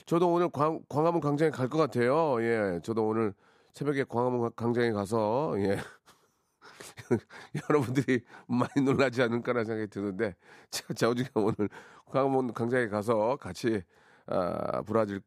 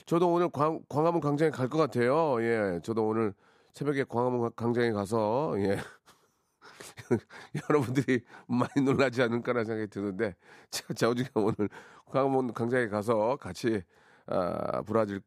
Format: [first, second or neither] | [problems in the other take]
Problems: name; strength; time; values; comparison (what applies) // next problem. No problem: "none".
neither | none